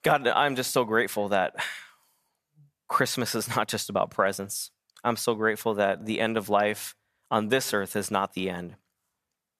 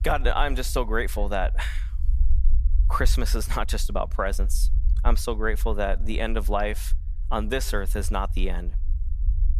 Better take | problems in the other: first | low rumble; faint; throughout; 25 dB below the speech

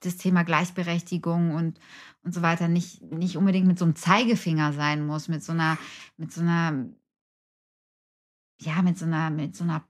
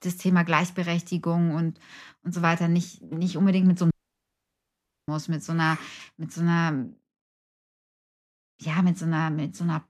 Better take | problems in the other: first | audio cutting out; at 4 s for 1 s

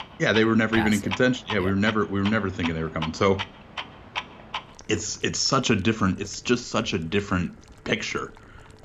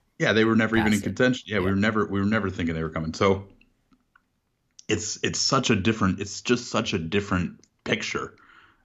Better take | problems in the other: second | household noises; noticeable; throughout; 10 dB below the speech

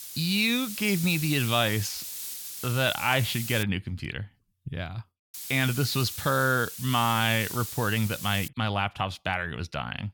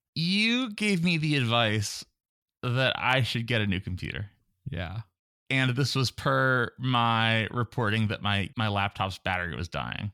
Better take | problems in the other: second | hiss; loud; until 3.5 s and from 5.5 to 8.5 s; 8 dB below the speech

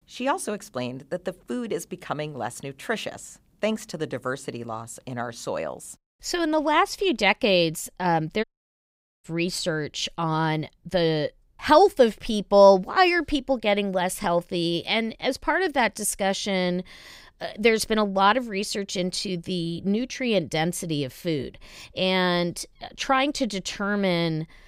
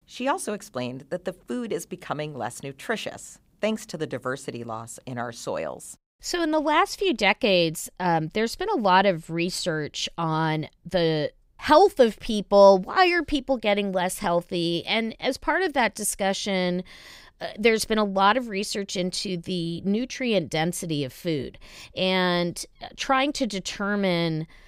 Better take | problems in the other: second | audio cutting out; at 8.5 s for 1 s

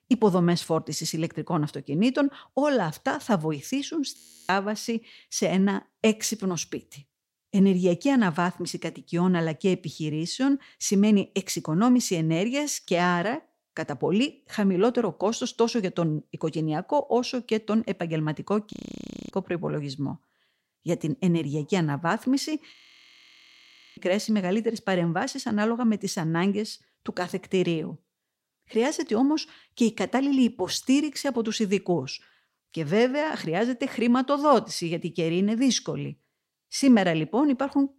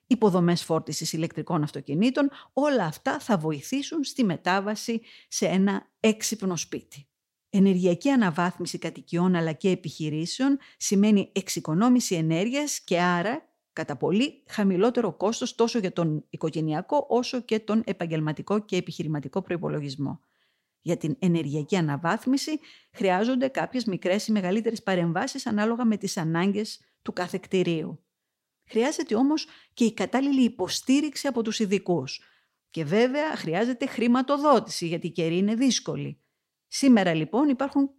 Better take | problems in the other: second | audio freezing; at 4 s, at 19 s for 0.5 s and at 23 s for 1 s

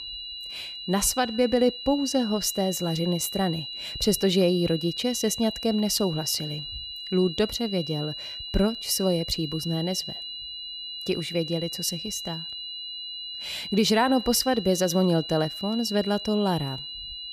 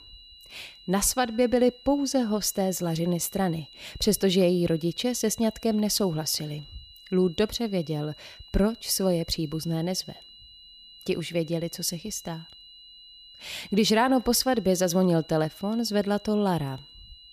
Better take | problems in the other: second | high-pitched whine; loud; throughout; 4 kHz, 8 dB below the speech; faint in the second

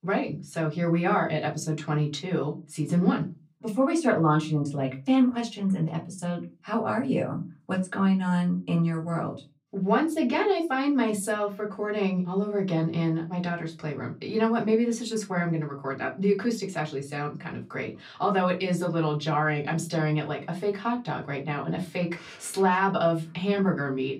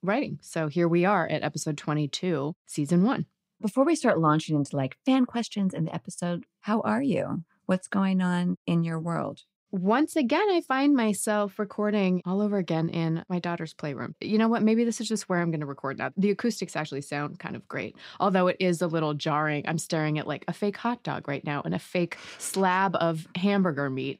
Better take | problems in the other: second | off-mic speech; far // room echo; very slight; dies away in 0.2 s

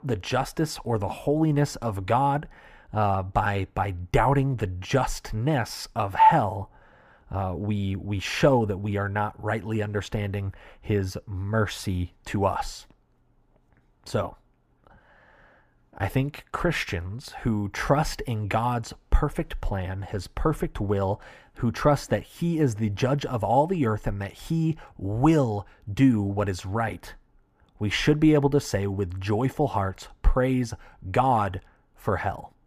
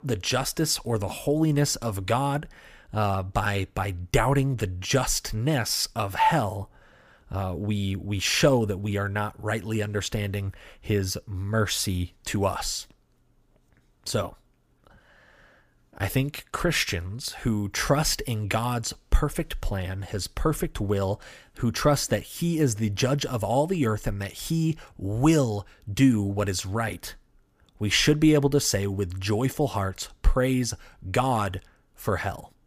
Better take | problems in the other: second | muffled; slightly; fading above 3 kHz

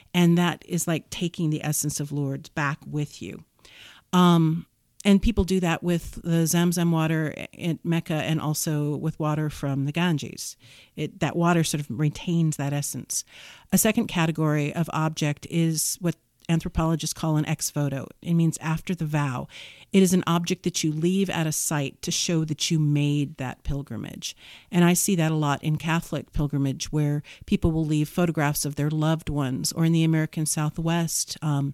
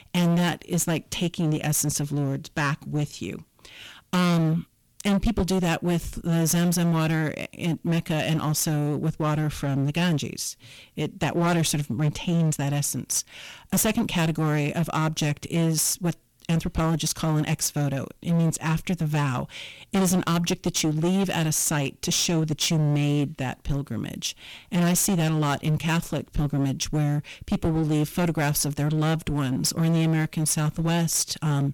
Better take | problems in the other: first | distortion; heavy; 15% of the sound clipped

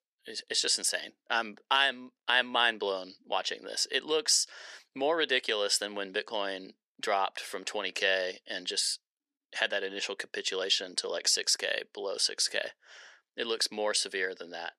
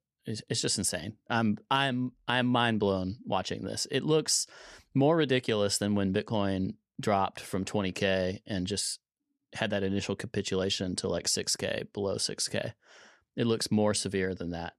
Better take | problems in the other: second | thin; very; fading below 400 Hz

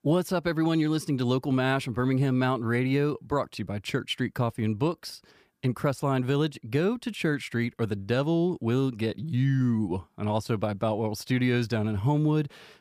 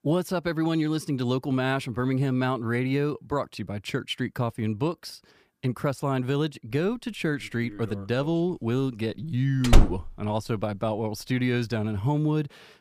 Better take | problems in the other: first | door banging; loud; at 9.5 s; peak 5 dB above the speech

